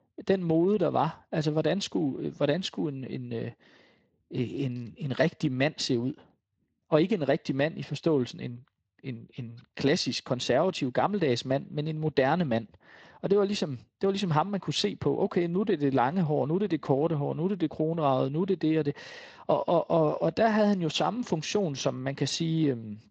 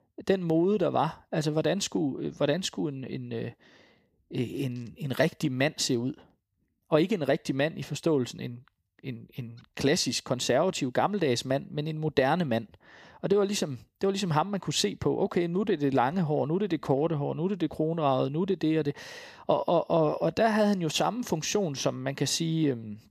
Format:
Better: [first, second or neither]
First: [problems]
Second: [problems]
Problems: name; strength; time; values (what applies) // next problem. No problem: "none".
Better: second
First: garbled, watery; slightly; nothing above 7.5 kHz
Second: none